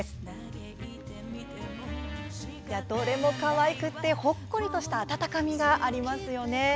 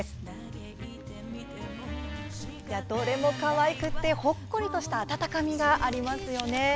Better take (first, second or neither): first